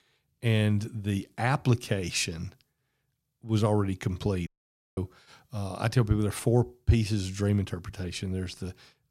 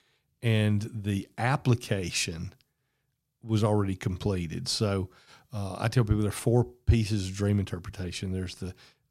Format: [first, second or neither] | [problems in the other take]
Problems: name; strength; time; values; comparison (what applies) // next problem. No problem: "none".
second | audio cutting out; at 4.5 s for 0.5 s